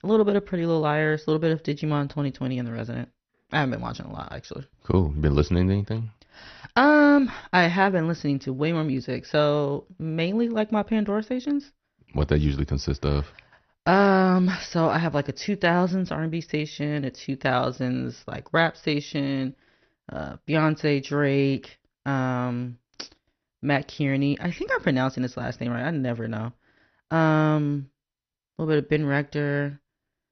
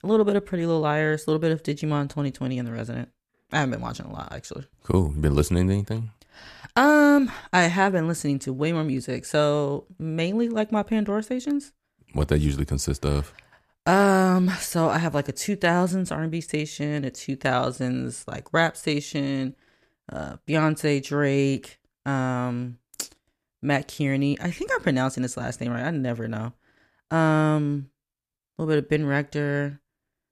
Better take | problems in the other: second | garbled, watery; slightly; nothing above 6 kHz

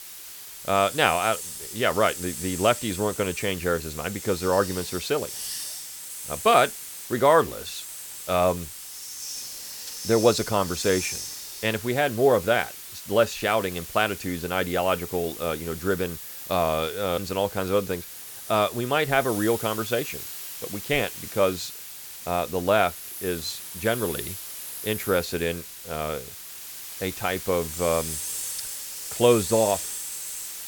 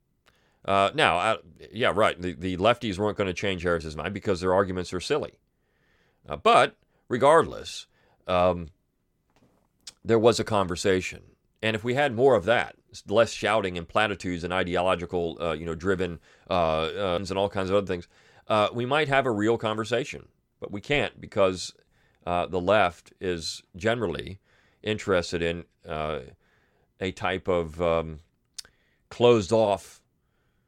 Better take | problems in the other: second | hiss; loud; throughout; 9 dB below the speech

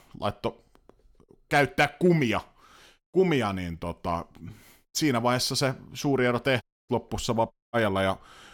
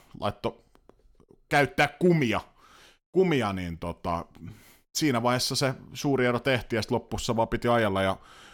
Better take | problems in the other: second | audio cutting out; at 6.5 s and at 7.5 s

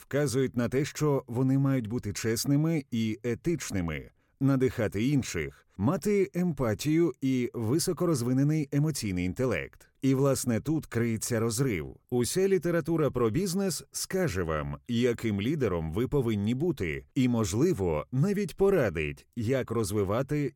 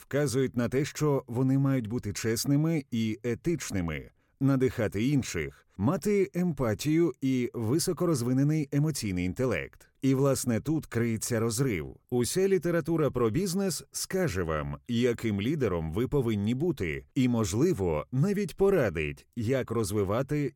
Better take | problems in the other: neither | none

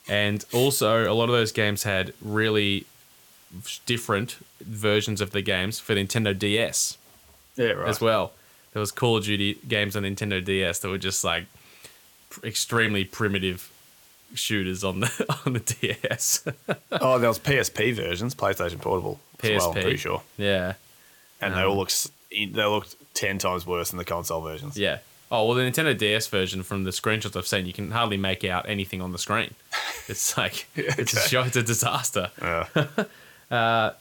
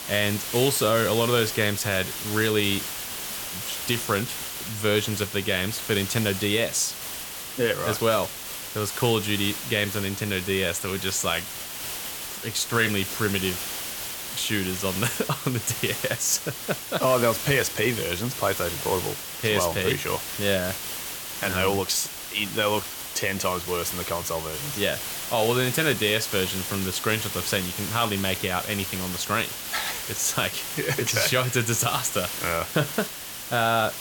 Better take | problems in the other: first | hiss; loud; throughout; 6 dB below the speech; faint in the first

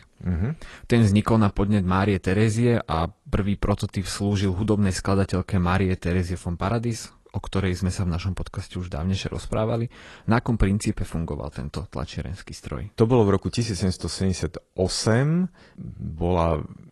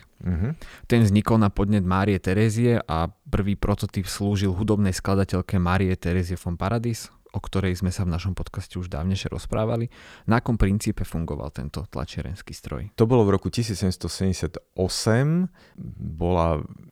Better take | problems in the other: second | garbled, watery; slightly

